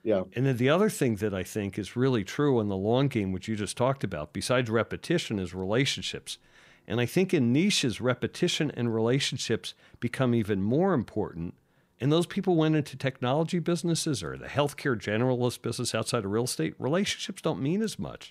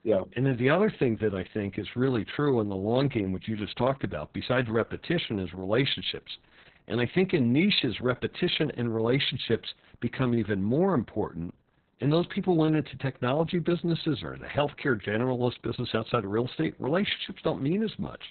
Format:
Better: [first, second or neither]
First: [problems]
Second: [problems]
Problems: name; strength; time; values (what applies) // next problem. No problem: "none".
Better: first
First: none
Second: garbled, watery; badly; nothing above 4 kHz